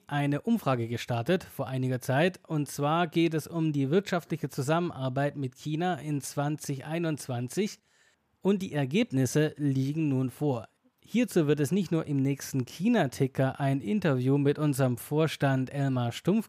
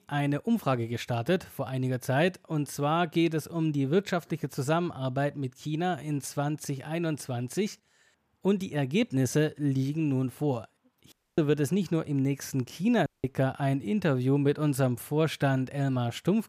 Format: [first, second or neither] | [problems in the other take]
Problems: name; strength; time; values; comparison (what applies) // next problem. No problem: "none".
first | audio cutting out; at 11 s and at 13 s